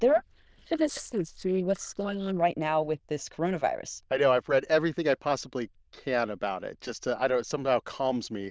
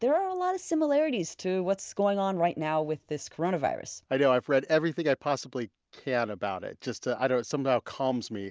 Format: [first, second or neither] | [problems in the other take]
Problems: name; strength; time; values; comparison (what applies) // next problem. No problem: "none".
second | noise reduction (neural diffusion model UNIVERSE++)